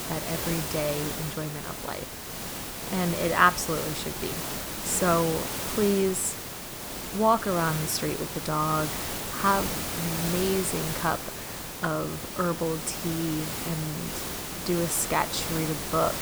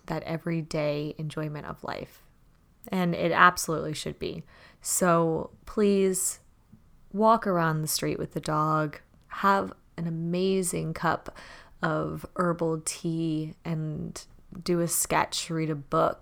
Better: second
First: hiss; loud; throughout; 4 dB below the speech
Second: none

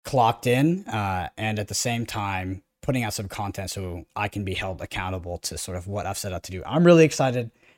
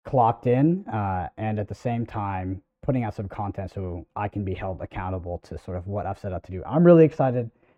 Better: first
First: none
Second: muffled; very; fading above 3 kHz

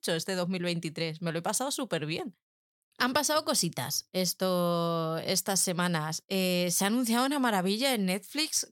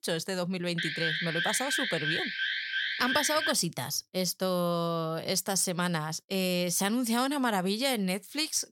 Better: first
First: none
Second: alarm; loud; from 1 to 3.5 s; peak level with the speech

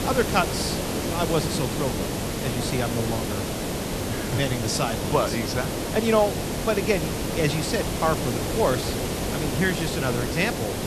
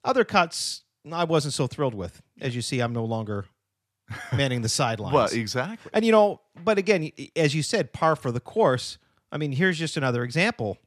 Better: second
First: hiss; loud; throughout; 1 dB below the speech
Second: none

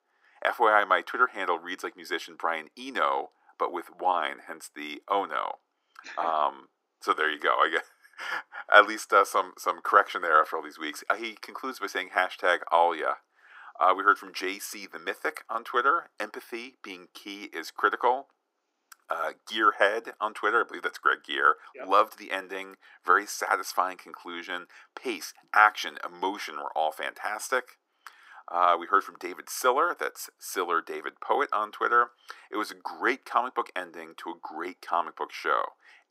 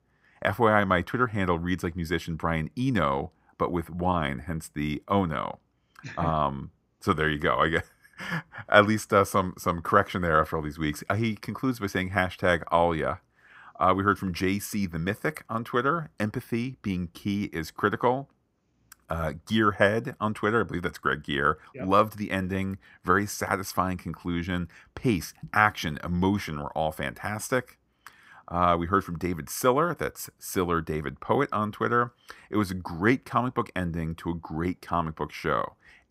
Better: second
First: thin; very; fading below 350 Hz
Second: none

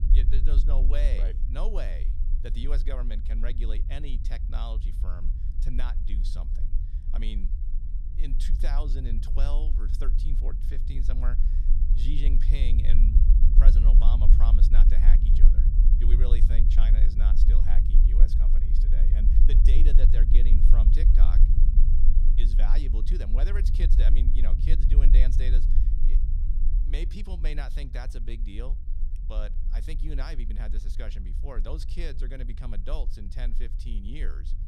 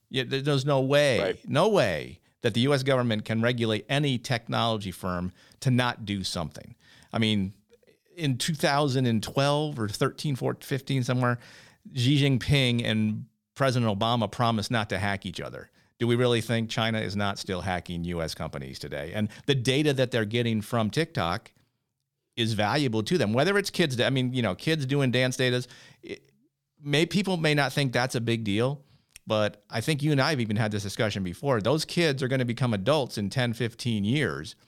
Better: second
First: low rumble; loud; throughout; 5 dB below the speech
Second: none

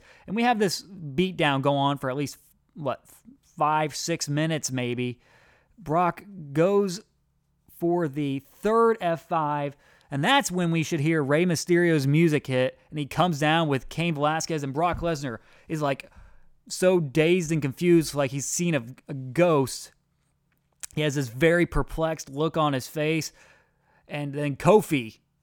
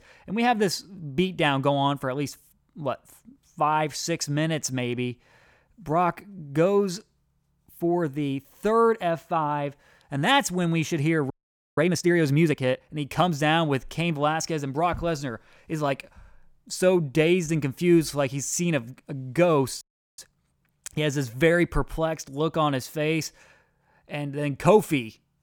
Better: first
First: none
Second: audio freezing; at 11 s and at 20 s

